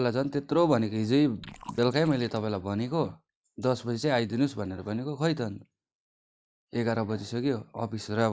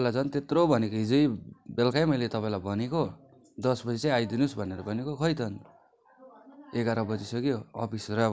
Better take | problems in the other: second | noise reduction (neural mask model Resemble Enhance denoiser)

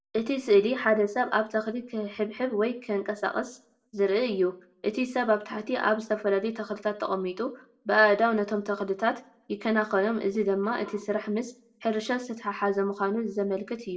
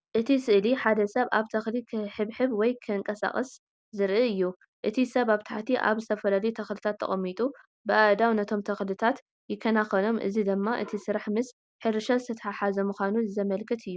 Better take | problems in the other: second | room echo; dies away in 0.3 s

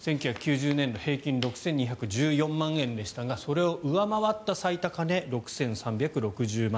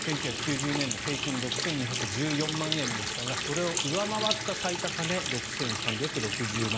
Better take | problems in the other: first | background sound (Water tap, faucet); as loud as the speech

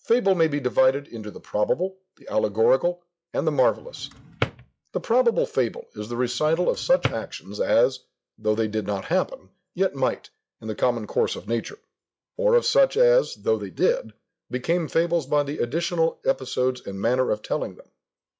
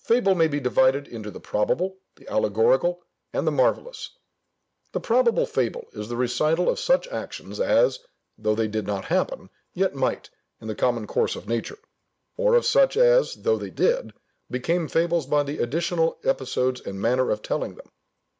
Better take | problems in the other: second | noise reduction (classical method log-MMSE)

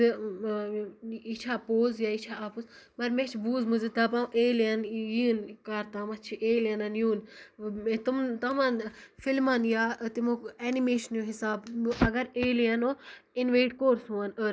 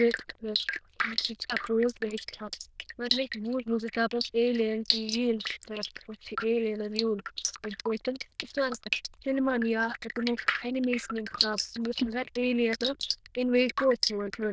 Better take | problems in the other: first | noise reduction (neural diffusion model UNIVERSE++)

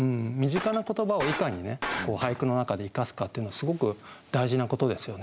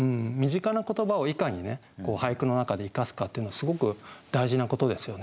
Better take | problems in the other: second | background sound (Shatter); 8 dB below the speech

